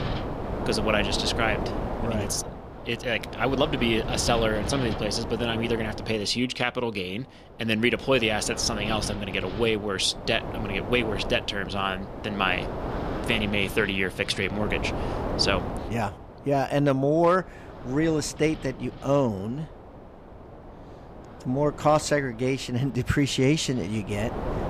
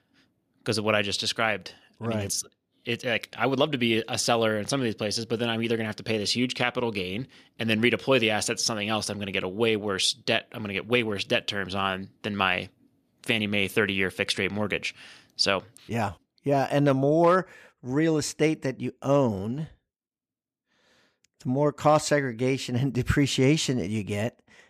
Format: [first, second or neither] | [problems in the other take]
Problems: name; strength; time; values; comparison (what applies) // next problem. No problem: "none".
second | wind noise on the microphone; heavy; 10 dB below the speech